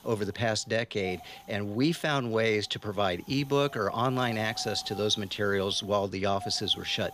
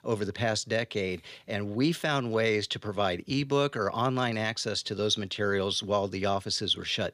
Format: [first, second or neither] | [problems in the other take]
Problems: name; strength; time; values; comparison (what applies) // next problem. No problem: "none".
second | wind noise on the microphone; occasional gusts; 15 dB below the speech